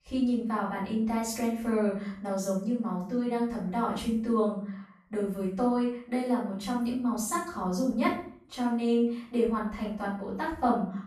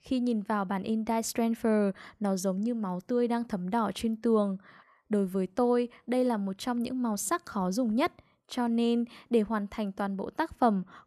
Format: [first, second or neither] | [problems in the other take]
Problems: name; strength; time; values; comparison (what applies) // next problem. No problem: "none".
second | room echo; noticeable; dies away in 0.5 s // off-mic speech; far